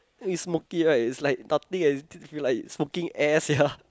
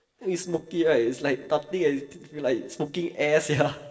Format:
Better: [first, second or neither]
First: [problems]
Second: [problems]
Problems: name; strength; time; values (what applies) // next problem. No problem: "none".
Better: first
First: none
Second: noise reduction (neural separator model SepFormer DNS4)